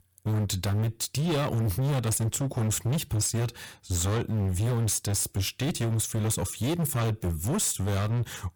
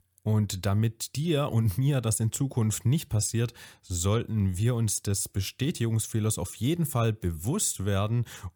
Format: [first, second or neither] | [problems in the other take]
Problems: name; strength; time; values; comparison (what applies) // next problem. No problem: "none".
second | distortion; heavy; 30% of the sound clipped